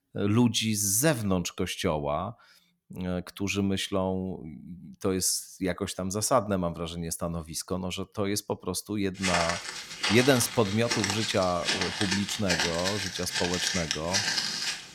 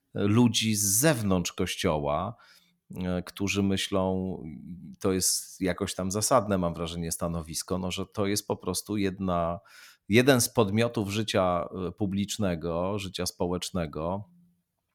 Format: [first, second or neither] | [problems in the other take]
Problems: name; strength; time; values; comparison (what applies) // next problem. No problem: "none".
second | footsteps; loud; from 9 s on; peak 3 dB above the speech